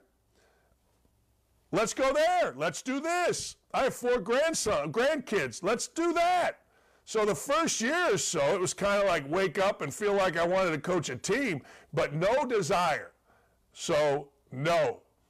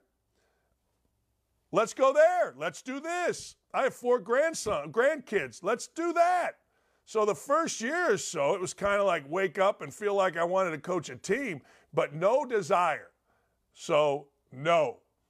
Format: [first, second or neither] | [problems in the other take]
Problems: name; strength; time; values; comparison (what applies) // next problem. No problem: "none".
second | distortion; heavy; 7 dB below the speech